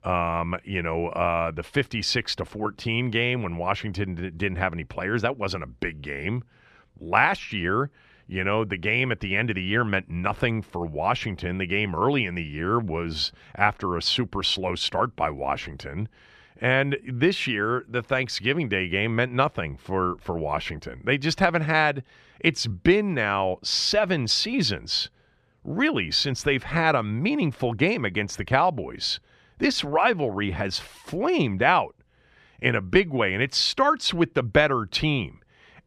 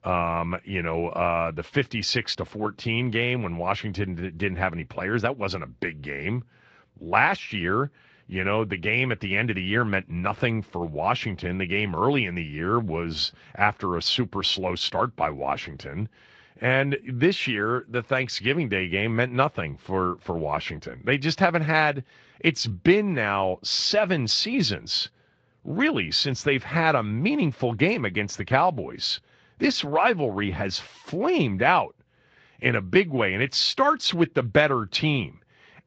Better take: first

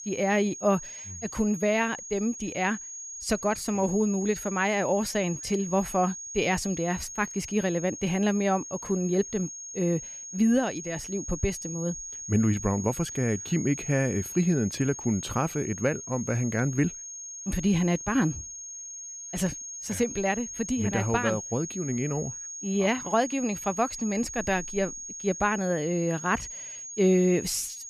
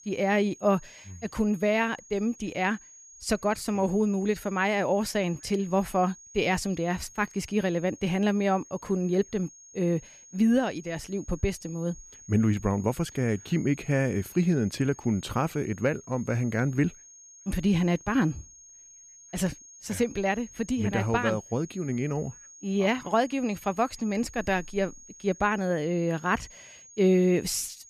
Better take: second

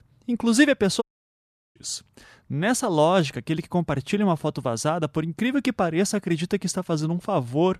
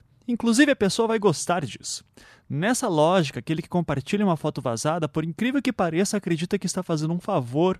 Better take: second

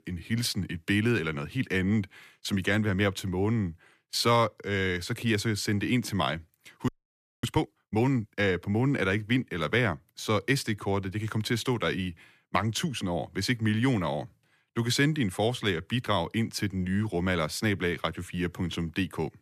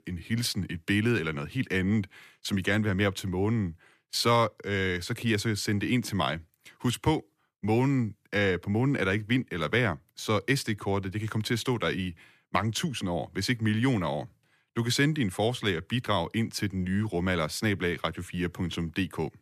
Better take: second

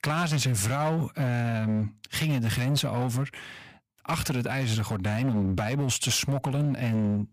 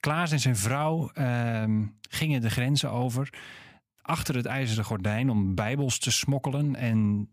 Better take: second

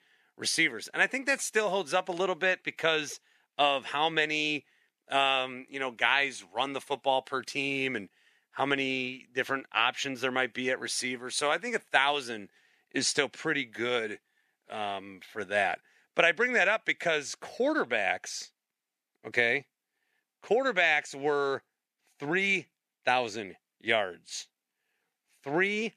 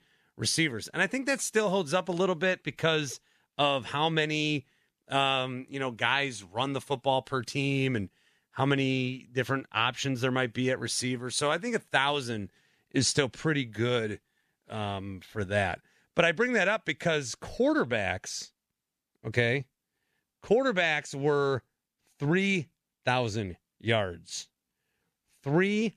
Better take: second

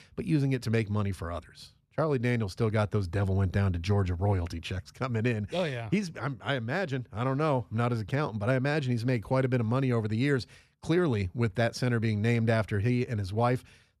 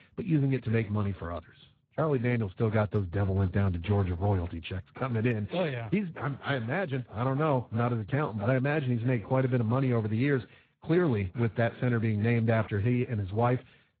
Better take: first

